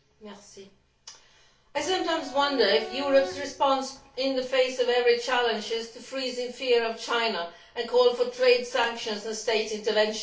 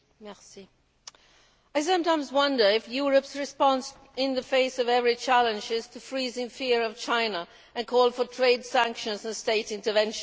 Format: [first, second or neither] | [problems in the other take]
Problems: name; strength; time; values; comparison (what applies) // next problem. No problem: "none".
second | background sound (Bowed string instrument); 14 dB below the speech // room echo; dies away in 0.3 s